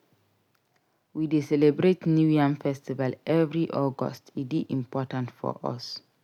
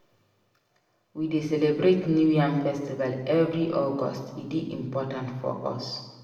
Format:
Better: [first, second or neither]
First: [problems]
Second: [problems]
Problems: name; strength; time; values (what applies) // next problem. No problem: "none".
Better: first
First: none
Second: room echo; dies away in 1.1 s